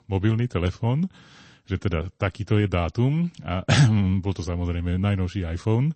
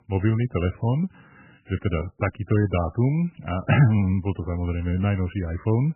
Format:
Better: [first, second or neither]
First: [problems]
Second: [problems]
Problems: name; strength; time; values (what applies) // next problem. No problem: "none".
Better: first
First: garbled, watery; slightly; nothing above 8 kHz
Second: garbled, watery; badly; nothing above 3 kHz